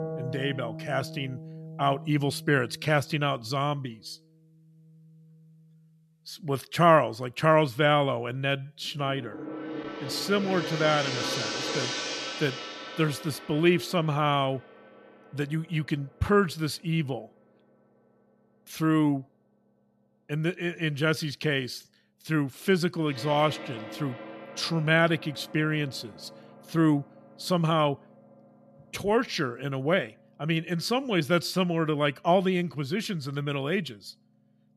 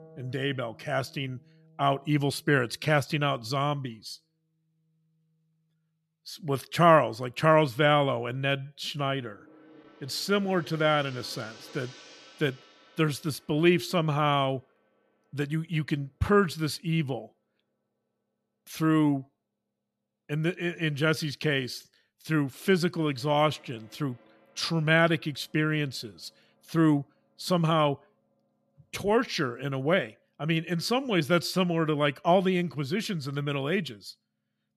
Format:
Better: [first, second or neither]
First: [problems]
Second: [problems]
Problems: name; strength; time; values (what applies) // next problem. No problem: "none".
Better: second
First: background music; loud; throughout; 9 dB below the speech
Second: background music; faint; throughout; 25 dB below the speech